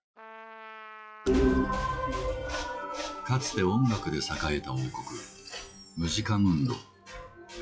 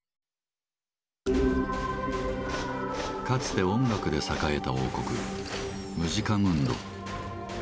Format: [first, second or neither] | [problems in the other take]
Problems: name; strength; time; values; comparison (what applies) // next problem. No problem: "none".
second | noise reduction (classical method log-MMSE)